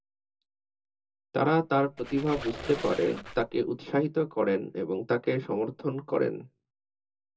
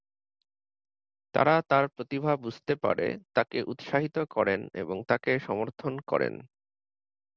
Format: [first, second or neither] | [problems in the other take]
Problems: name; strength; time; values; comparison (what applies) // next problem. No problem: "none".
second | background sound (Squeak); 11 dB below the speech // room echo; dies away in 0.2 s